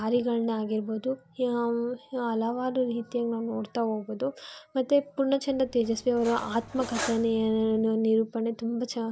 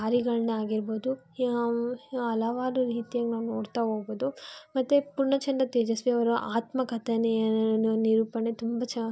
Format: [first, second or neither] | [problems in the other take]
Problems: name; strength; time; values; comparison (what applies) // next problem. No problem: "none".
second | background sound (Cutlery, silverware); 12 dB below the speech